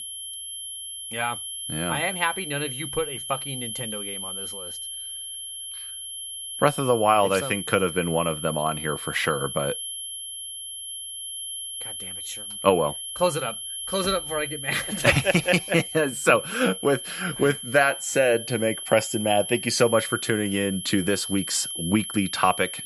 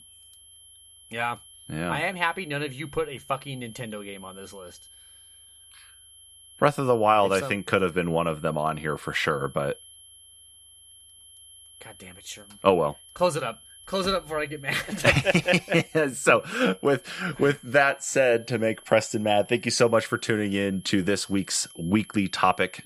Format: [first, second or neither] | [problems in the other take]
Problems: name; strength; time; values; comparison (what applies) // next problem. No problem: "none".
second | high-pitched whine; loud; throughout; 3 kHz, 8 dB below the speech; faint in the second